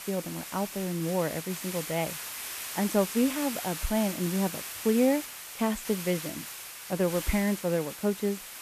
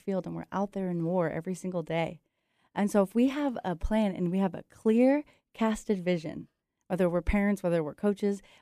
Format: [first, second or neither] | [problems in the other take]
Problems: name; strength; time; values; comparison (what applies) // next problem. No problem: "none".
second | hiss; loud; throughout; 7 dB below the speech